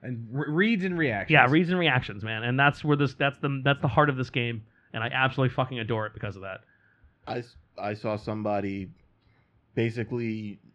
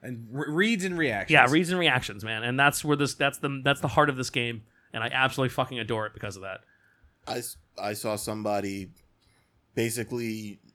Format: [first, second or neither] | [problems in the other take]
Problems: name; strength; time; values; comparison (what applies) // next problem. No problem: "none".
second | muffled; slightly; fading above 3.5 kHz